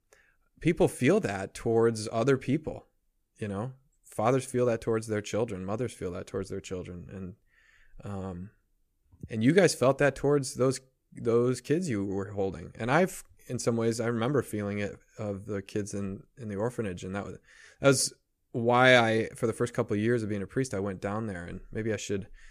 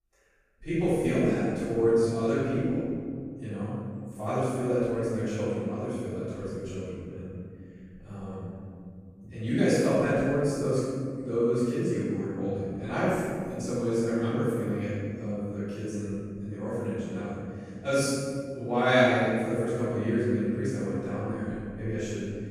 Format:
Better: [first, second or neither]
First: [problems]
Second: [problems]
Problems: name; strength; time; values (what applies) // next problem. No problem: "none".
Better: first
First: none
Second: room echo; strong; dies away in 2.4 s // off-mic speech; far